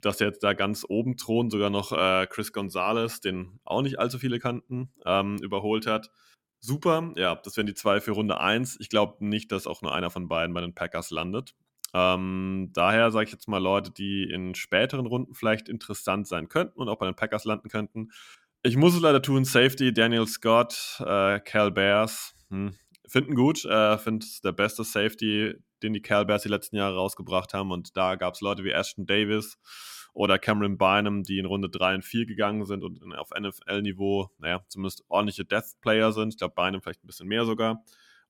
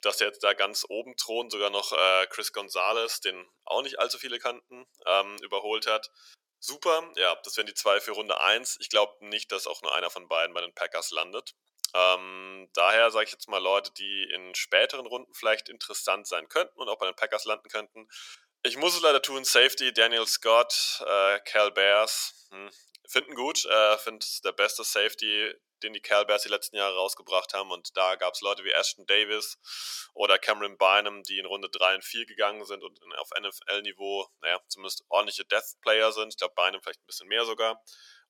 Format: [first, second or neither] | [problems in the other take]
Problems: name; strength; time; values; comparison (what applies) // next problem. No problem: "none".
first | thin; very; fading below 500 Hz